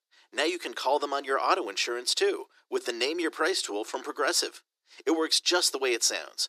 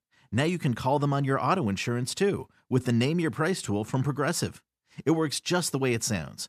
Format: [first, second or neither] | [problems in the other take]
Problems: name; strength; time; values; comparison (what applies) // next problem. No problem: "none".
second | thin; very; fading below 350 Hz